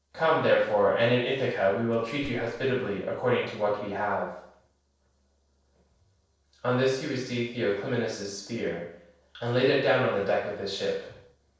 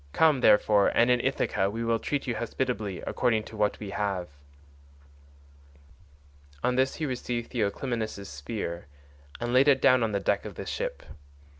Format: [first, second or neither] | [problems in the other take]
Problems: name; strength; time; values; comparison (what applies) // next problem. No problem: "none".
second | noise reduction (neural separator model SepFormer DNS4)